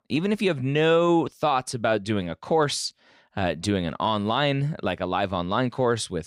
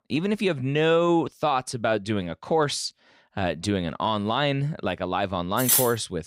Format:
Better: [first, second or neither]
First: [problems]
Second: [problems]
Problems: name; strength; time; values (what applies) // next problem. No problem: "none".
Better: first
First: none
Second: clattering dishes; loud; at 5.5 s; peak 5 dB above the speech